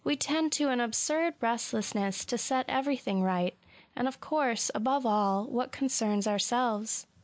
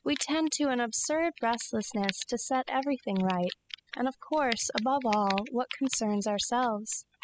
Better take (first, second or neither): first